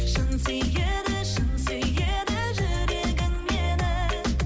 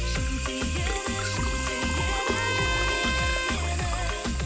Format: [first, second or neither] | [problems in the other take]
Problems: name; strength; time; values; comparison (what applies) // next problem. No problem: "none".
first | background sound (Trumpet + Sink (filling or washing) / Water tap, faucet); 2 dB below the speech